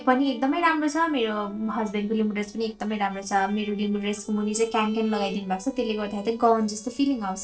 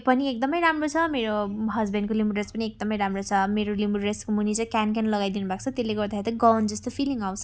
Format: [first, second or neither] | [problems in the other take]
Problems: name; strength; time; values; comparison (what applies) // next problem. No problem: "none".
second | noise reduction (neural separator model SepFormer DNS4)